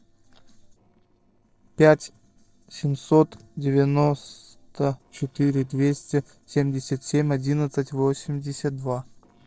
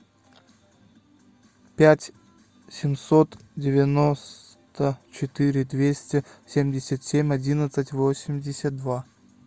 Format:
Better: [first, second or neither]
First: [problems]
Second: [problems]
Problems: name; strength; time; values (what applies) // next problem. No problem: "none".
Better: second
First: noise reduction (neural separator model SepFormer DNS4)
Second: none